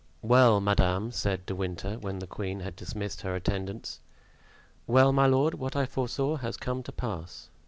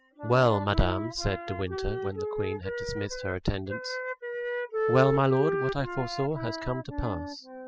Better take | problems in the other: first | noise reduction (classical method spectral subtraction)

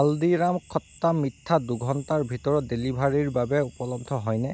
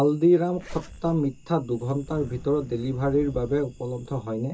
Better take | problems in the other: first | background sound (Zipper (clothing)); 17 dB below the speech // room echo; dies away in 0.2 s

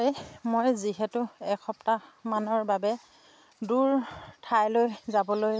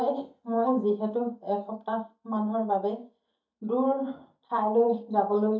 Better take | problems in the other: first | noise reduction (neural mask model DeepFilterNet 3)

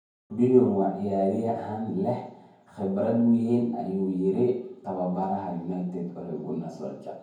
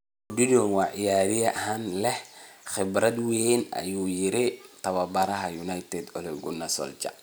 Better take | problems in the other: second | room echo; dies away in 0.9 s

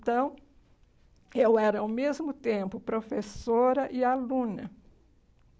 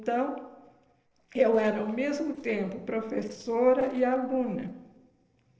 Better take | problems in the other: first | noise reduction (neural separator model SepFormer DNS4)

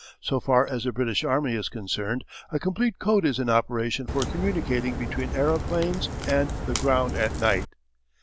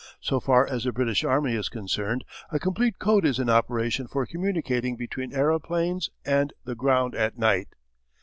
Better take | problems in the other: second | background sound (Crack); 4 dB below the speech

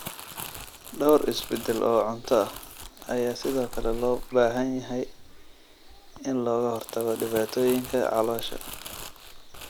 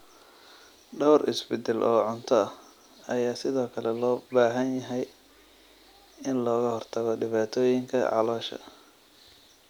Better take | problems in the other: second | background sound (Crumpling, crinkling); 12 dB below the speech

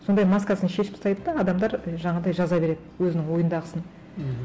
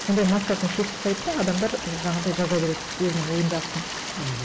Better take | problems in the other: first | background sound (Stream); 7 dB below the speech

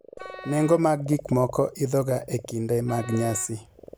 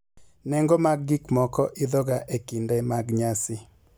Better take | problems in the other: second | background sound (Frog + Wind instrument, woodwind instrument); 16 dB below the speech

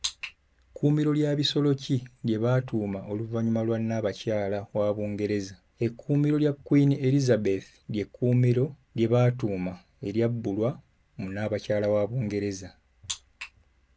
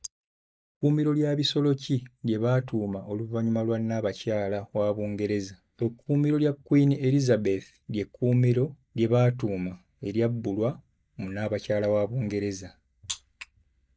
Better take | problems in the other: first | noise reduction (neural mask model DeepFilterNet 3)

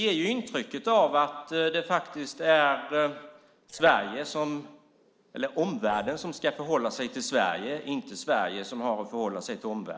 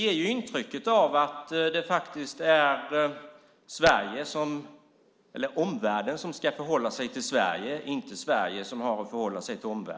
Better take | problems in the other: second | noise reduction (neural separator model SepFormer DNS4)

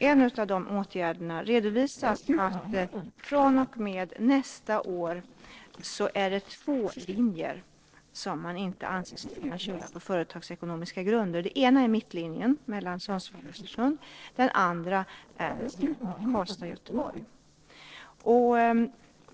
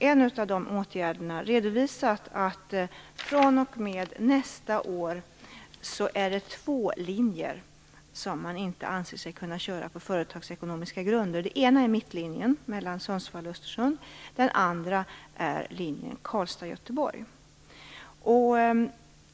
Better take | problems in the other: second | noise reduction (neural separator model SepFormer DNS4)

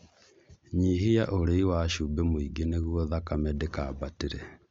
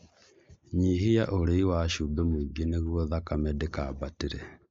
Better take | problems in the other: first | noise reduction (neural mask model Resemble Enhance denoiser)

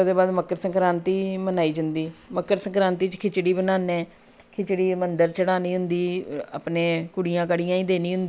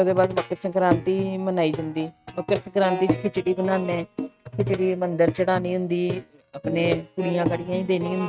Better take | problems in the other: first | noise reduction (neural mask model RNNoise)

